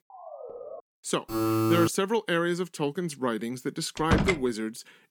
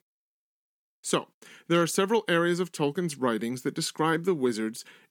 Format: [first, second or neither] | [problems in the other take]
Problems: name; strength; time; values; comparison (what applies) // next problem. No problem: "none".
second | siren; faint; at the start; peak 10 dB below the speech // alarm; loud; at 1.5 s; peak 4 dB above the speech // door banging; loud; at 4 s; peak 3 dB above the speech